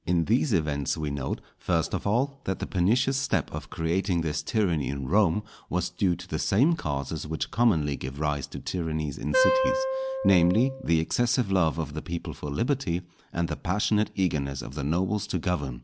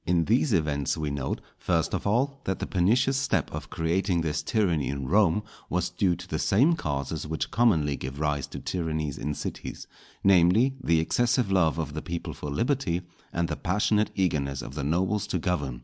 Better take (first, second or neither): second